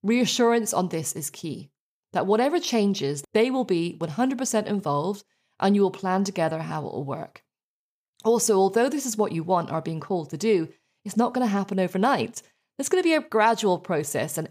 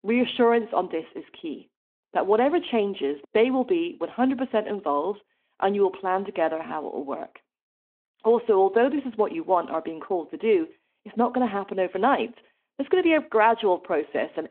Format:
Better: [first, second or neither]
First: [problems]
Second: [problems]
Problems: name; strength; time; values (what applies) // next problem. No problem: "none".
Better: first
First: none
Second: phone-call audio; nothing above 3.5 kHz